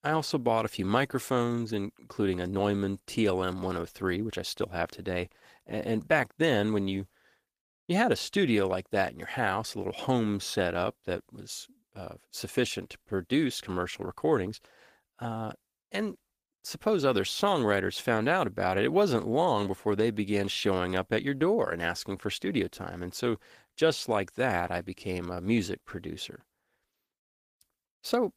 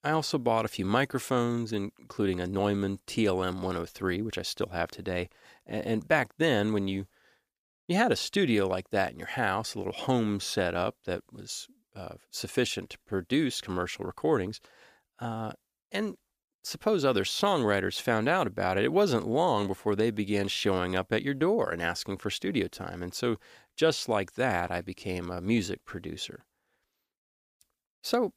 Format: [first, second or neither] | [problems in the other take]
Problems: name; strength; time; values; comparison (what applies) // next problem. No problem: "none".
second | garbled, watery; slightly; nothing above 15 kHz